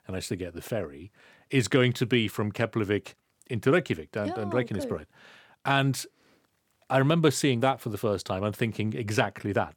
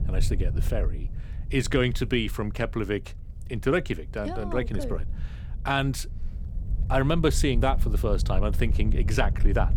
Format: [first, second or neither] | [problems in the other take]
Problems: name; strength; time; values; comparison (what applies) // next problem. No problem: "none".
first | low rumble; noticeable; throughout; 20 dB below the speech